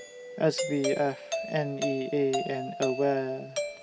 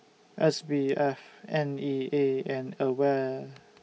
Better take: second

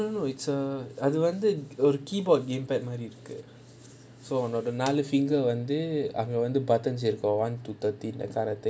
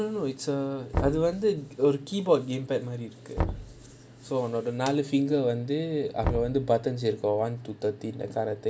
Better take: first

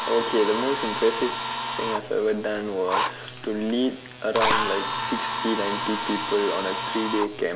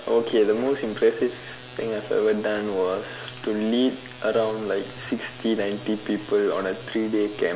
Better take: second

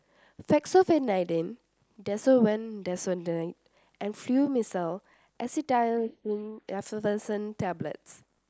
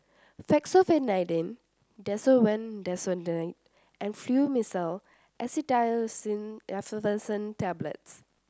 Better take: second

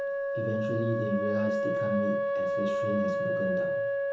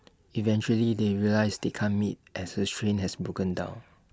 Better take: second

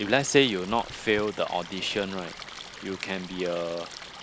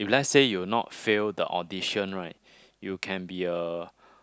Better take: second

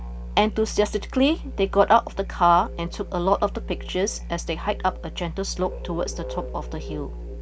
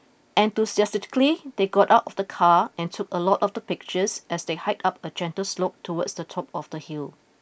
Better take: second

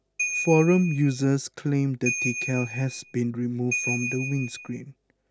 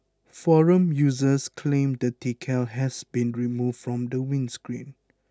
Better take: second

